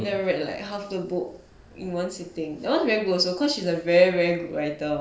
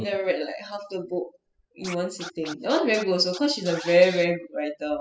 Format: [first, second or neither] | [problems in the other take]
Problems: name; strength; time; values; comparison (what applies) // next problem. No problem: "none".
first | noise reduction (classical method spectral subtraction)